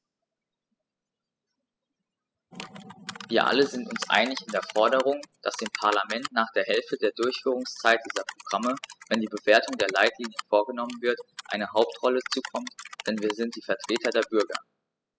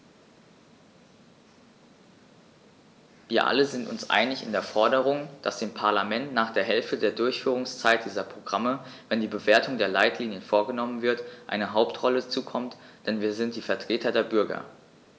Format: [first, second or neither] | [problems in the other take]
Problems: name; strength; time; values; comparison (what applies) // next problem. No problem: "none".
second | noise reduction (classical method spectral subtraction)